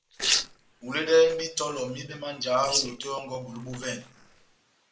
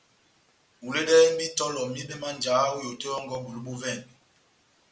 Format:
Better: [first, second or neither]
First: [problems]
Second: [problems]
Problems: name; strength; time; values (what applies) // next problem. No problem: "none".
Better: second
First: noise reduction (neural mask model Resemble Enhance denoiser)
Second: none